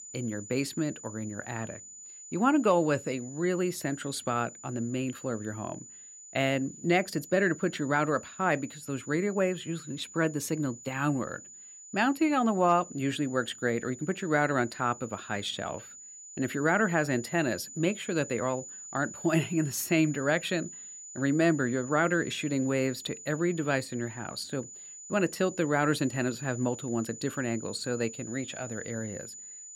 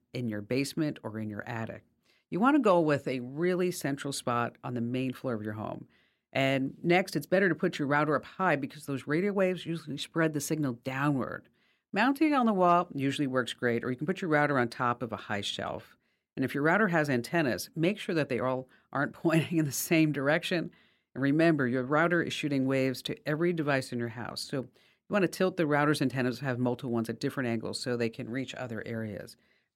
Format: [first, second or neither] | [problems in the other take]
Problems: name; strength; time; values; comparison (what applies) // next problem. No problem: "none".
second | high-pitched whine; noticeable; throughout; 7 kHz, 15 dB below the speech